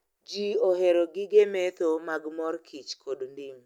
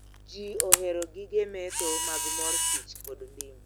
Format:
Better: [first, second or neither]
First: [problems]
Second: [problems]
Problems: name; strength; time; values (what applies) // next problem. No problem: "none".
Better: first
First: none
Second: background sound (Camera); 3 dB above the speech